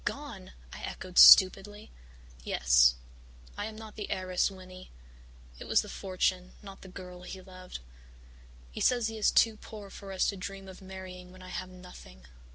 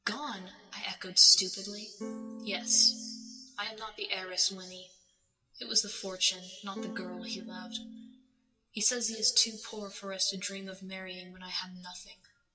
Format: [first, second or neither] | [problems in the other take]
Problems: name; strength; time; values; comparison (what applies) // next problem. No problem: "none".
first | noise reduction (classical method WPE with log-MMSE)